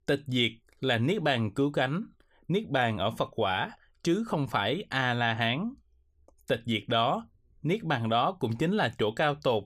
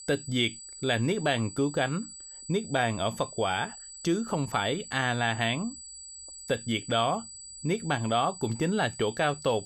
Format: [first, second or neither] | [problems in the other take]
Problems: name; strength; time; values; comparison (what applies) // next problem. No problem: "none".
first | high-pitched whine; noticeable; throughout; 8 kHz, 15 dB below the speech